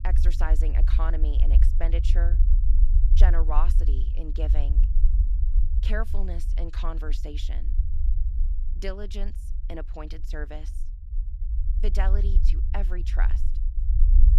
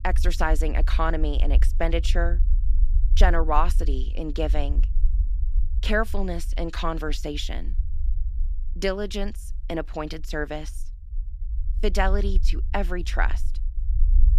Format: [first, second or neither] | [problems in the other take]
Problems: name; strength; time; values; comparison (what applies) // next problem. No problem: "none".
second | low rumble; loud; throughout; 9 dB below the speech; faint in the second